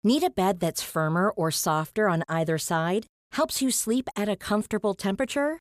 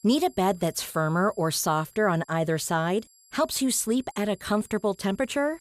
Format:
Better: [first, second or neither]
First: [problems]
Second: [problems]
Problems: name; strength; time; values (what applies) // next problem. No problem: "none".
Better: first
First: none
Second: high-pitched whine; faint; throughout; 7.5 kHz, 30 dB below the speech